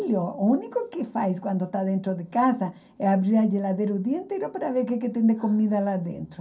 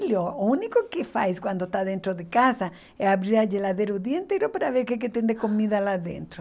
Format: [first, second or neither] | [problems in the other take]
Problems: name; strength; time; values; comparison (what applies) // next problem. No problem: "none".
second | room echo; dies away in 0.3 s